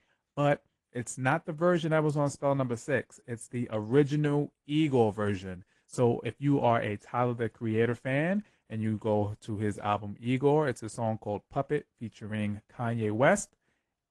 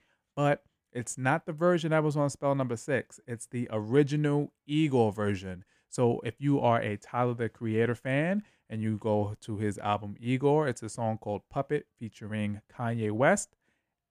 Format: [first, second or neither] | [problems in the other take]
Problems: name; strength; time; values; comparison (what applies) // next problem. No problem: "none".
second | garbled, watery; slightly